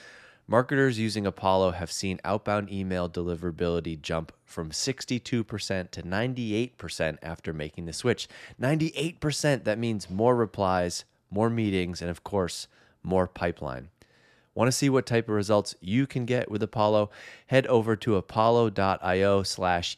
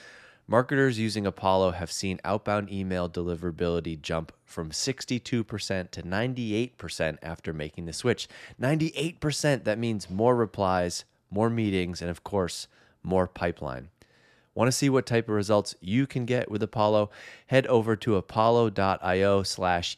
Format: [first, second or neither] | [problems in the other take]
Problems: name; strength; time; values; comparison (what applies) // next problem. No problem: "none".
neither | none